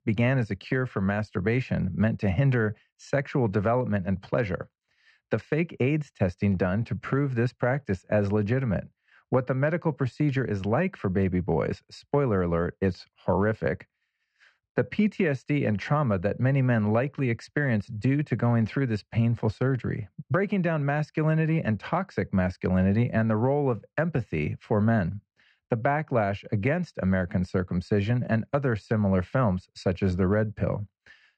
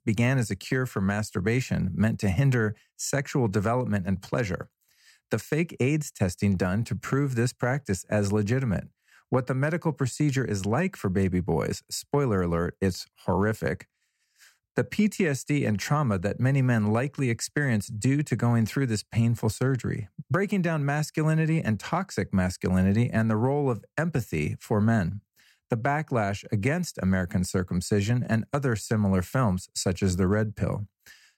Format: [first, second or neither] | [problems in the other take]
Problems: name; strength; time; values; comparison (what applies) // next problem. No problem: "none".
second | muffled; very; fading above 3.5 kHz